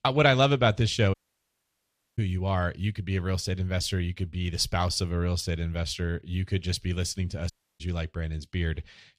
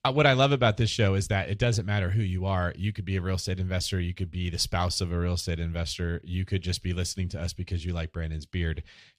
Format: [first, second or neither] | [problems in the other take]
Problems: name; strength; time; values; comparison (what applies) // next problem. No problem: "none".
second | audio cutting out; at 1 s for 1 s and at 7.5 s